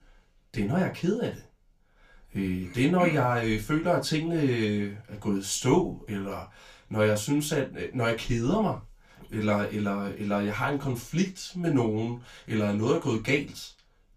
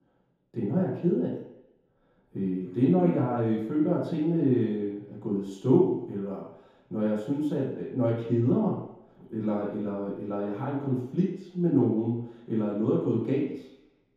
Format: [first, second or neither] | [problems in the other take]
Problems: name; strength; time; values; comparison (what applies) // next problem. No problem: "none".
first | room echo; strong; dies away in 0.8 s; slight in the first // off-mic speech; far; far in the first